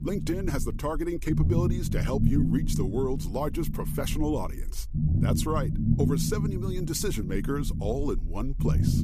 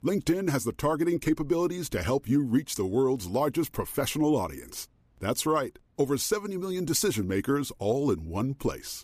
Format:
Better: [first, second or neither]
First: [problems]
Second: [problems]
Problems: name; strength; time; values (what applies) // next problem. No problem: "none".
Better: second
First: low rumble; loud; throughout; 5 dB below the speech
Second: none